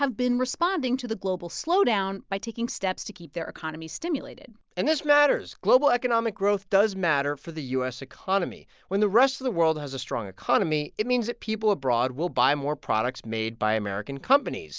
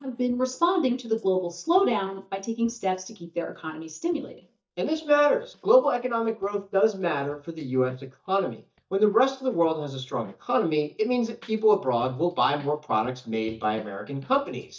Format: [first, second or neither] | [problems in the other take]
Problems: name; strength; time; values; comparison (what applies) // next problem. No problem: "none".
first | noise reduction (neural mask model DeepFilterNet 3)